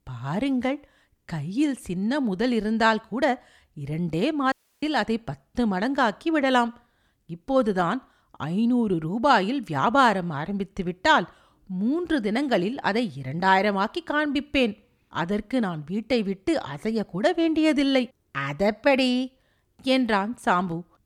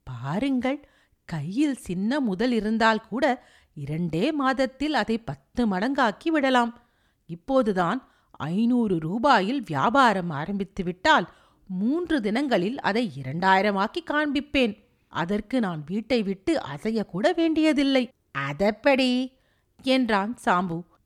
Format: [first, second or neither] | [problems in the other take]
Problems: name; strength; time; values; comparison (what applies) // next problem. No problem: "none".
second | audio cutting out; at 4.5 s